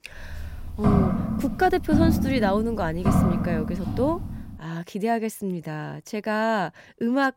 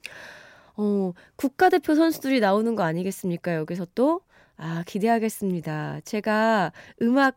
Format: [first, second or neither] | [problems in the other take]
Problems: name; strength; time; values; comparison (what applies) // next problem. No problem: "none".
second | footsteps; loud; until 4.5 s; peak 5 dB above the speech